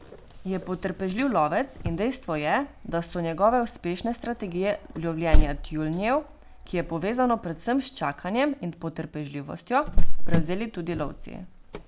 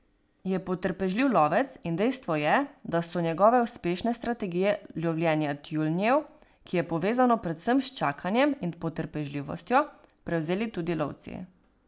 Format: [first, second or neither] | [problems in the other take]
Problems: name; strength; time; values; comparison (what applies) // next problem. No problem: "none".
second | background sound (Cricket); 4 dB above the speech